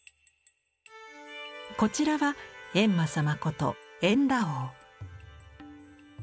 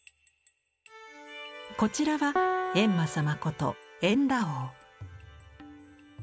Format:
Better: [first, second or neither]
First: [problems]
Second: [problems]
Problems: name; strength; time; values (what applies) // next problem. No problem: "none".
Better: first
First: none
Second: background sound (Piano); 4 dB below the speech